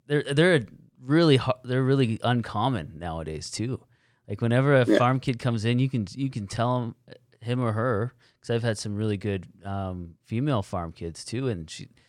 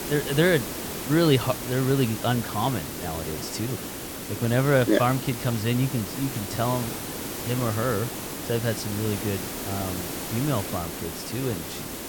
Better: first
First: none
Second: hiss; loud; throughout; 6 dB below the speech

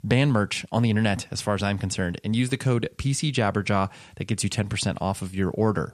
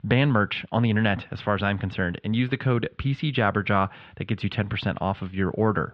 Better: first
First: none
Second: muffled; very; fading above 3.5 kHz

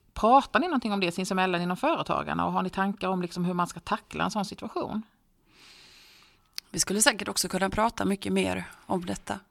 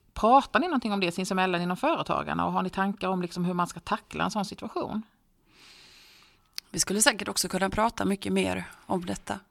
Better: neither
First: none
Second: none

